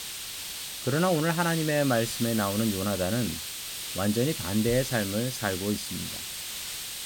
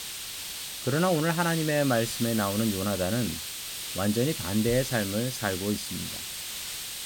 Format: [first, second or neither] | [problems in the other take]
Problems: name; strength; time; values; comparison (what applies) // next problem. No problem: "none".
neither | hiss; loud; throughout; 5 dB below the speech; the same in both